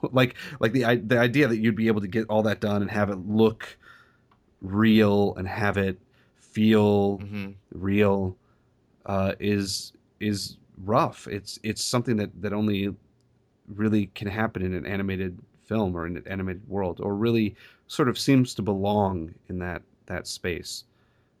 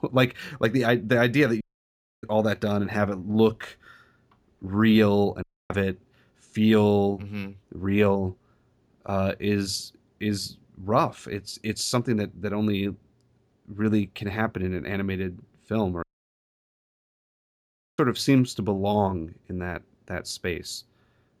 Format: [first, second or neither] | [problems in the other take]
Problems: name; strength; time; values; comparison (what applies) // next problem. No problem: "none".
first | audio cutting out; at 1.5 s for 0.5 s, at 5.5 s and at 16 s for 2 s